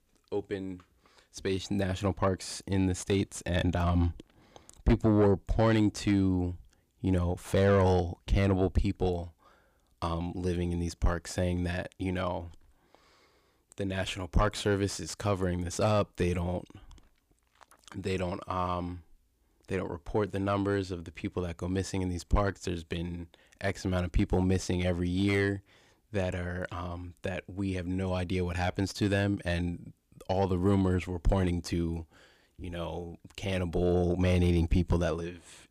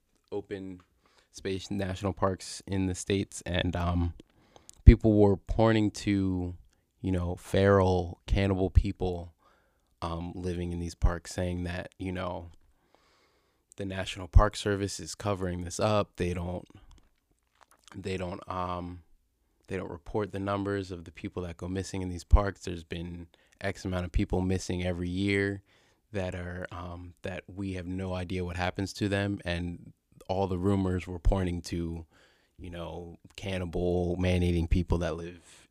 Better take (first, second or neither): second